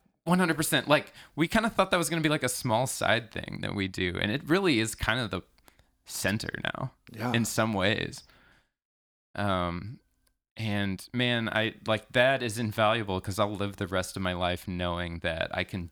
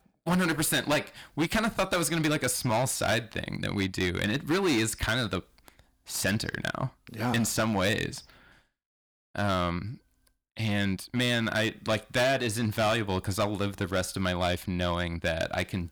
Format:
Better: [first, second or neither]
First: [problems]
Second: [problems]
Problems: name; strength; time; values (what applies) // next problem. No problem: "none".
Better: first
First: none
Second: distortion; heavy; 9% of the sound clipped